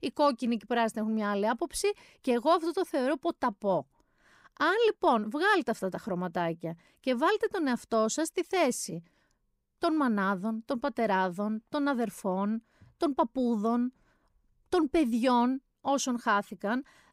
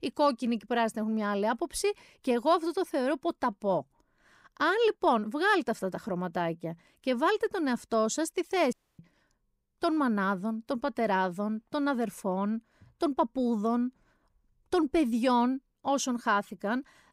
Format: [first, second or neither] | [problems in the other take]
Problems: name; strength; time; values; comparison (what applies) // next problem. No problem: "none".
first | audio cutting out; at 8.5 s